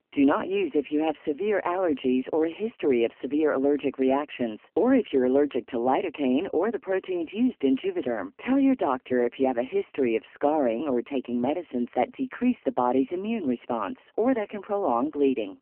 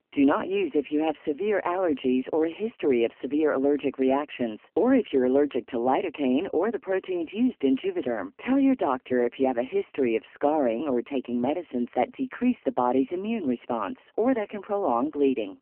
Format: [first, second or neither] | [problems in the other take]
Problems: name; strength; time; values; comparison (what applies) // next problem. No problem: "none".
neither | phone-call audio; poor line; nothing above 3 kHz; the same in both